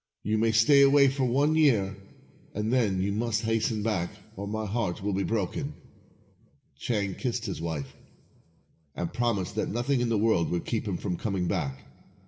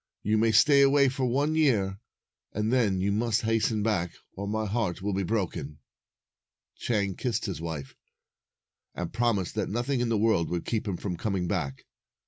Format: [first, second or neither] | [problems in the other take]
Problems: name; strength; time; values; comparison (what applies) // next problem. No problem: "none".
second | room echo; dies away in 2.9 s